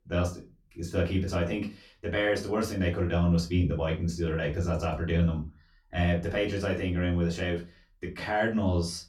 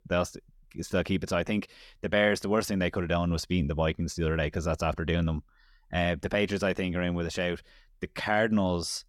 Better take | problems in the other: second | off-mic speech; far // room echo; very slight; dies away in 0.2 s

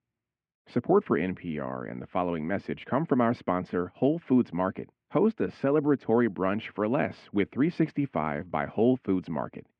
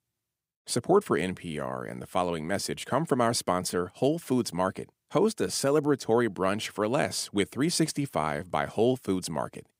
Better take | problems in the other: second | muffled; very; fading above 2.5 kHz

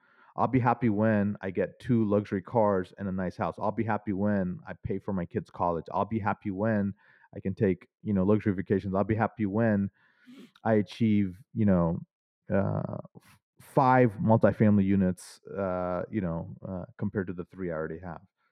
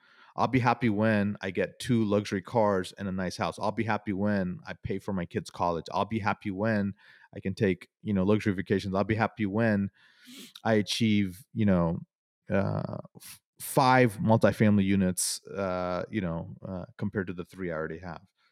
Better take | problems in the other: second | muffled; very; fading above 2.5 kHz

